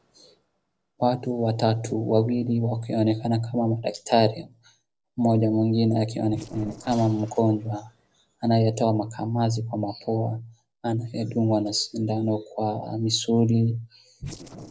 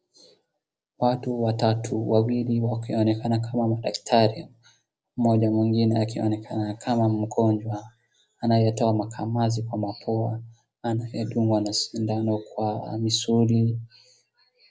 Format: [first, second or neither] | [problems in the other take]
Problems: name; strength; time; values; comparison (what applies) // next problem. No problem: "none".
second | noise reduction (neural separator model SepFormer DNS4)